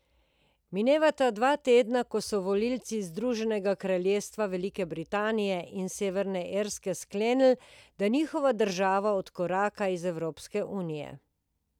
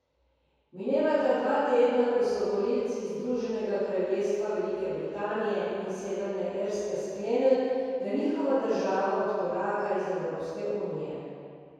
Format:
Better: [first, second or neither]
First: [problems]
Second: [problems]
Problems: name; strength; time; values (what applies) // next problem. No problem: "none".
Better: first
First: none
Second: room echo; dies away in 2.2 s